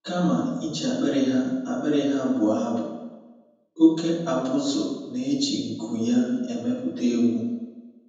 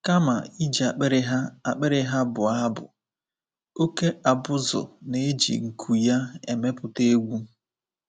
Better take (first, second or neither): second